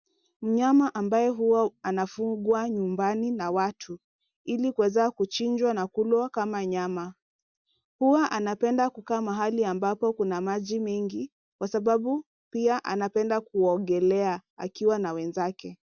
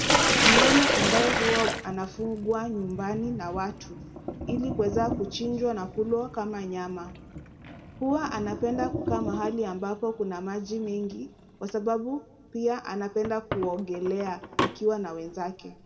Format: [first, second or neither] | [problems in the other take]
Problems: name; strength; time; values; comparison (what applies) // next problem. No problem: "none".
first | background sound (Sink (filling or washing)); as loud as the speech // room echo; dies away in 1.4 s